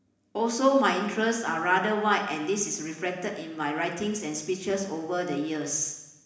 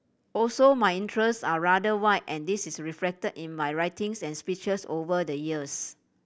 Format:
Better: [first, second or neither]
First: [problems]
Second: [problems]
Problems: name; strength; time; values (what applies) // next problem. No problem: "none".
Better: second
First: room echo; dies away in 1 s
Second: none